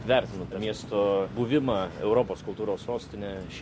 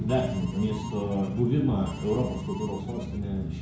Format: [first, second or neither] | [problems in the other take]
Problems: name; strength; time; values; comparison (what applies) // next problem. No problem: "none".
first | background sound (Harmonica); 19 dB below the speech // room echo; dies away in 0.6 s